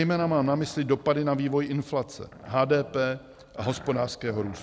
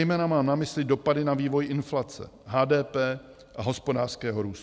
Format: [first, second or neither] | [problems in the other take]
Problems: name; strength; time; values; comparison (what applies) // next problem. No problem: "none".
second | background sound (Growling); 20 dB below the speech